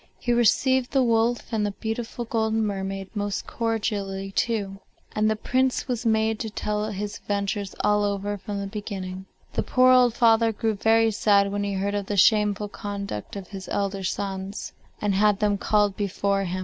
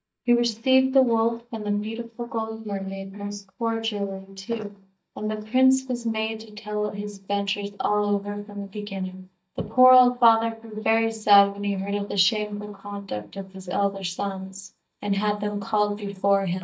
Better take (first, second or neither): first